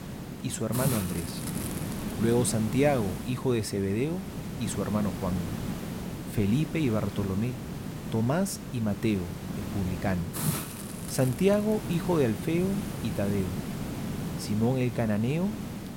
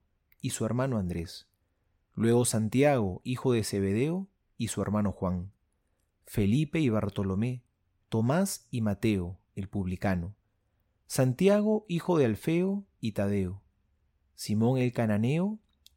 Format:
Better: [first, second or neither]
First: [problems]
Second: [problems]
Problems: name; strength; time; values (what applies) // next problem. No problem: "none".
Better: second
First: hiss; loud; throughout; 6 dB below the speech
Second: none